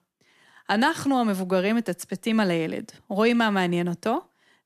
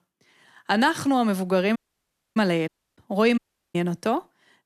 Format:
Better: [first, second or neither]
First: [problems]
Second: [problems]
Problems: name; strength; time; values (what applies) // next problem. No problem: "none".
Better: first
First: none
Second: audio cutting out; at 2 s for 0.5 s, at 2.5 s and at 3.5 s